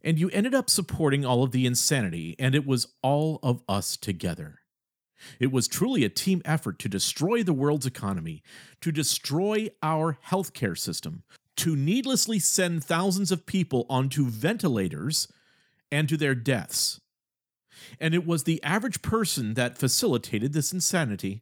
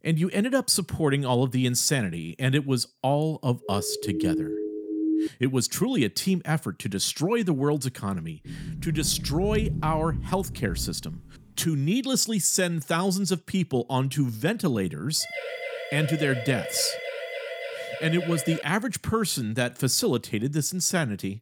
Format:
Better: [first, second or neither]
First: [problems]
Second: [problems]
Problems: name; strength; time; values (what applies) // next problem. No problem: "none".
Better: first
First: none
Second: siren; noticeable; from 3.5 to 5.5 s and from 15 to 19 s; peak level with the speech // door banging; noticeable; from 8.5 to 11 s; peak 4 dB below the speech